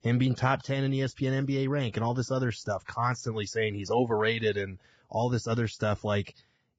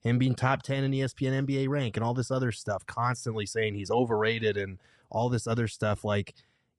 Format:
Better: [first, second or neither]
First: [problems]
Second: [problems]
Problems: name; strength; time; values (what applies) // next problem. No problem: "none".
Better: second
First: garbled, watery; badly; nothing above 7.5 kHz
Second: garbled, watery; slightly; nothing above 10.5 kHz